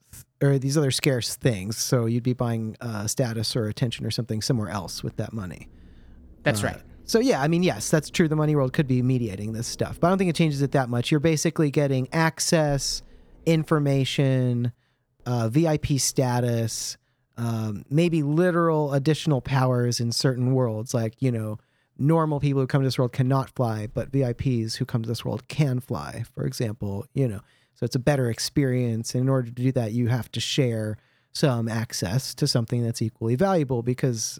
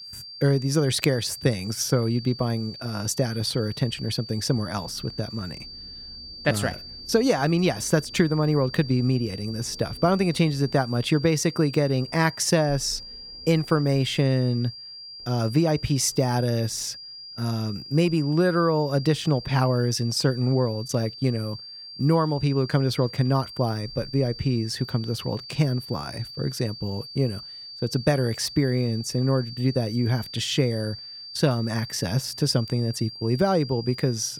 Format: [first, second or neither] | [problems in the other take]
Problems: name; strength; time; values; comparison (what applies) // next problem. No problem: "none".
first | high-pitched whine; noticeable; throughout; 4.5 kHz, 15 dB below the speech